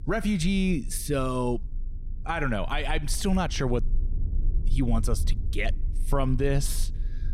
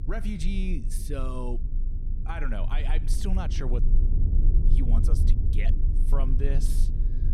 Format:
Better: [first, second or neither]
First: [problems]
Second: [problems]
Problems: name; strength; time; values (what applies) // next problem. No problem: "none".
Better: first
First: low rumble; faint; throughout; 20 dB below the speech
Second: low rumble; loud; throughout; 7 dB below the speech